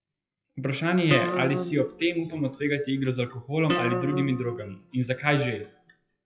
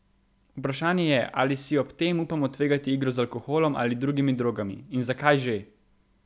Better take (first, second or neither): second